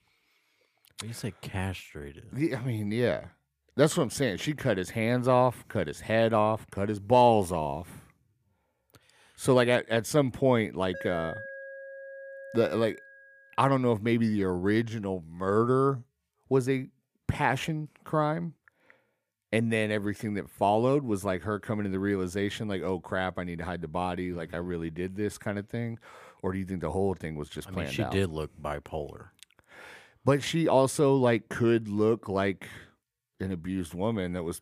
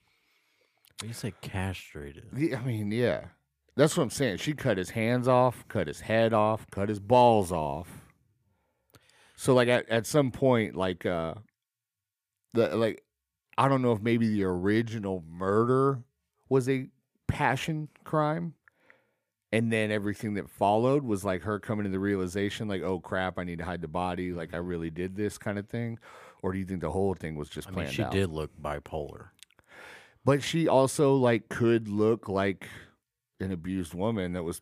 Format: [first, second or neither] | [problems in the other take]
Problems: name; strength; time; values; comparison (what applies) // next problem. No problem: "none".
second | alarm; faint; from 11 to 13 s; peak 10 dB below the speech